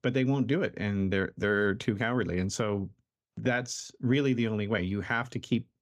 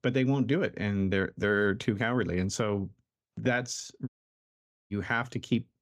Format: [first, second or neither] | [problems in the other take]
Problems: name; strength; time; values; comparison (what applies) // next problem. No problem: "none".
first | audio cutting out; at 4 s for 1 s